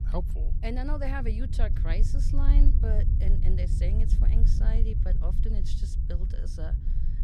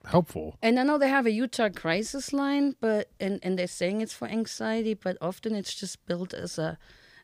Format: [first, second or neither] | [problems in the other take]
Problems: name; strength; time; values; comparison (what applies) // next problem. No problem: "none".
second | low rumble; loud; throughout; 5 dB below the speech